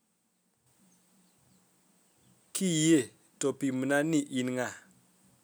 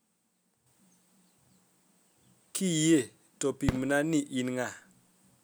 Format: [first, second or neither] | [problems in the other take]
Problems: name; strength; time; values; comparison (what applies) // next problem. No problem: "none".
first | background sound (Fireworks); 7 dB below the speech